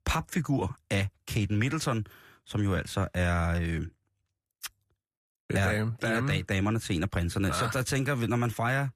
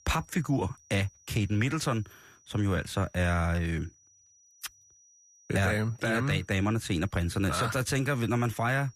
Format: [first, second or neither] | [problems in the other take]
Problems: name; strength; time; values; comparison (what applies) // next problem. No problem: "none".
first | high-pitched whine; faint; throughout; 6 kHz, 30 dB below the speech